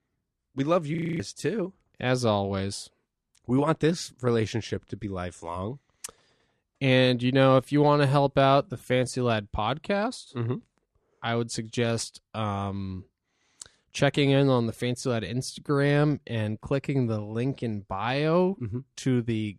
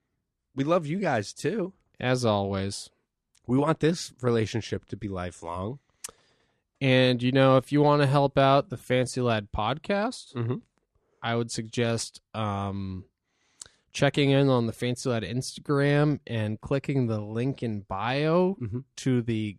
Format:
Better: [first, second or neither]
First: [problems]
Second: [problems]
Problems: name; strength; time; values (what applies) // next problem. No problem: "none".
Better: second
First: audio freezing; at 1 s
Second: none